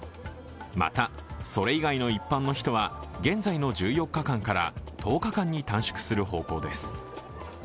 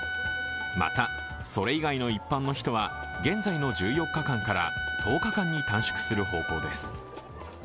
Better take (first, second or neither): first